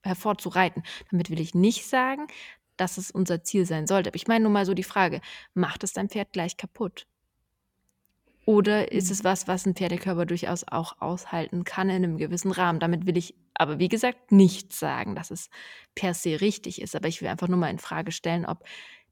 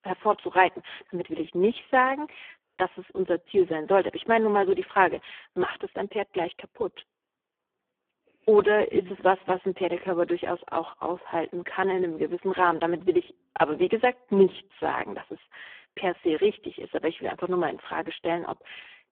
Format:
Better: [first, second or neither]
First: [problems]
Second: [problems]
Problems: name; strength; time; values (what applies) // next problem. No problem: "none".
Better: first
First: none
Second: phone-call audio; poor line